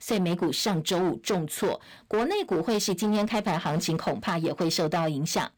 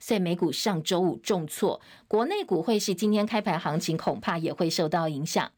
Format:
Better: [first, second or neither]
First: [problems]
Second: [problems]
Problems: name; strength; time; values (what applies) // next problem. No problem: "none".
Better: second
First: distortion; slight; 16% of the sound clipped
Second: none